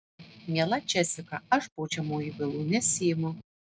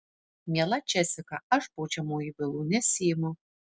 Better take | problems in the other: second | noise reduction (neural mask model RNNoise)

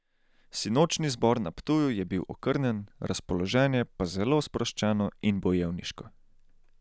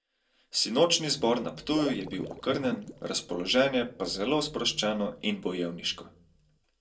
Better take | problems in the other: first | noise reduction (neural separator model SepFormer DNS4)

